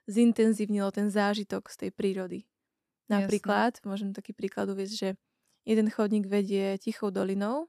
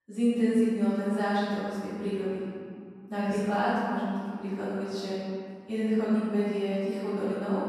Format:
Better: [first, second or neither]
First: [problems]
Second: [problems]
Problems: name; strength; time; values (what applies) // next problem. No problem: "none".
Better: first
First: none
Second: room echo; strong; dies away in 2.2 s // off-mic speech; far